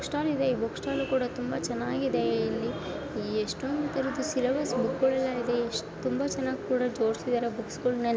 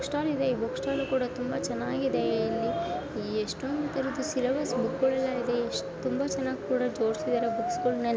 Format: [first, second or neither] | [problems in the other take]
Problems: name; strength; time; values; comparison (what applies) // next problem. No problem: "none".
first | background sound (Brass instrument); 8 dB below the speech